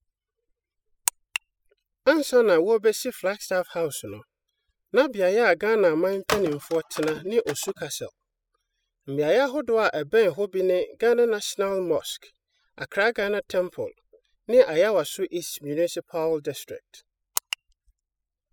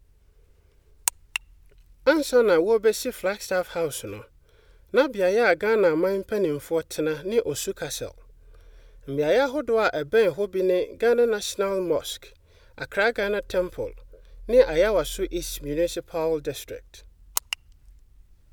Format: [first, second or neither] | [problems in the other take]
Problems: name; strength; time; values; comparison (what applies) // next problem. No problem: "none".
second | noise reduction (classical method spectral subtraction)